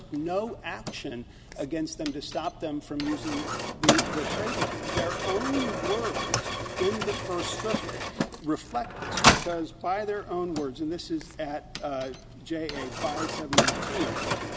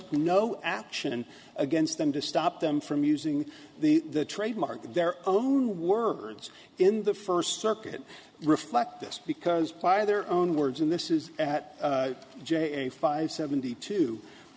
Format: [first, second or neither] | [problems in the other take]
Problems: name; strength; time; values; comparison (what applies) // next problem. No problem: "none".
second | background sound (Mechanisms); 2 dB above the speech